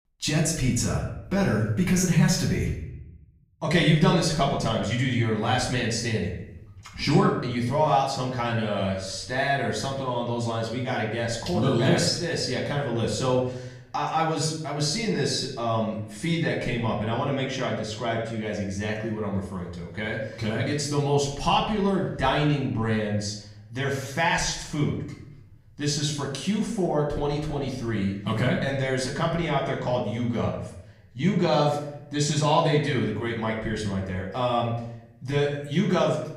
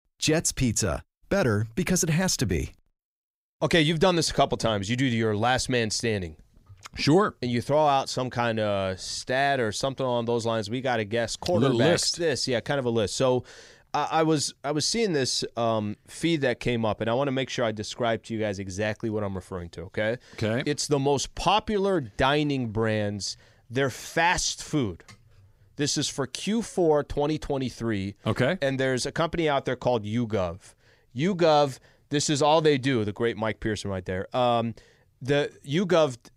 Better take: second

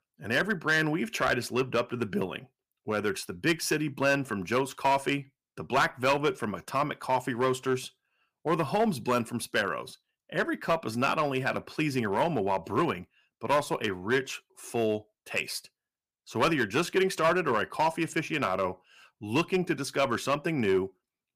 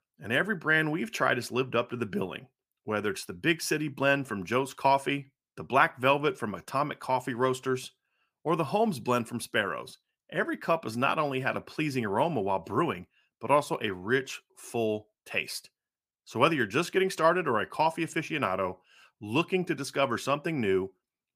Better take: second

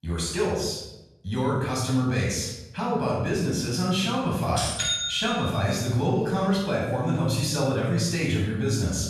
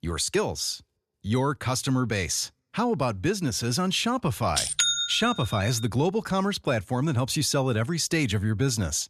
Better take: second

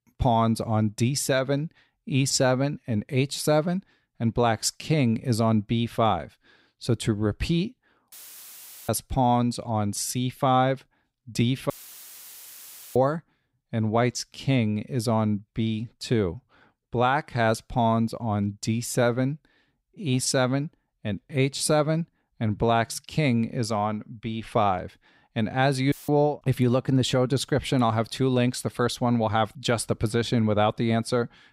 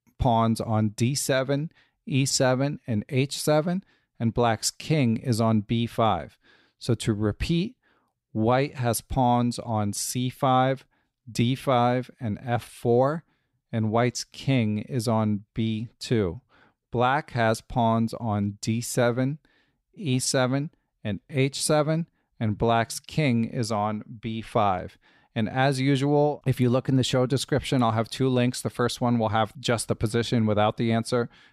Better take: second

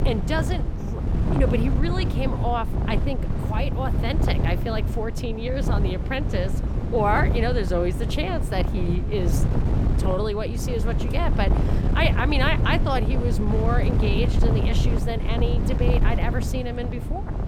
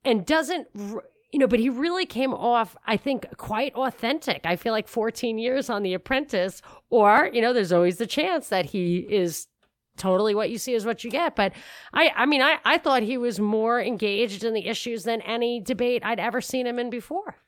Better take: second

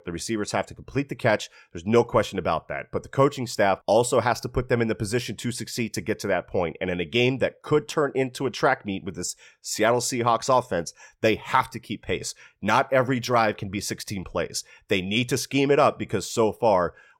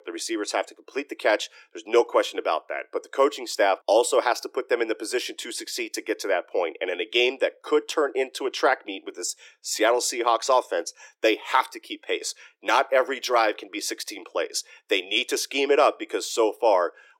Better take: first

